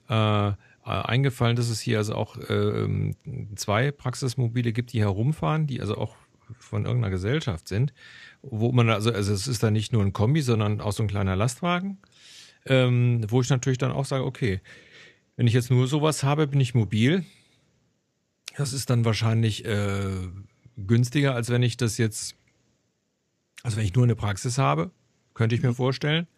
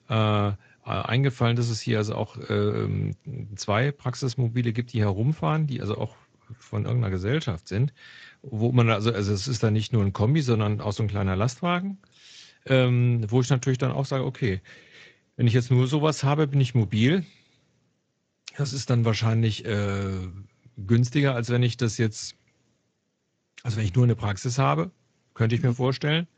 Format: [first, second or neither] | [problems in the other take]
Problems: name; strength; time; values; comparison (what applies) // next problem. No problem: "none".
first | garbled, watery; slightly; nothing above 7.5 kHz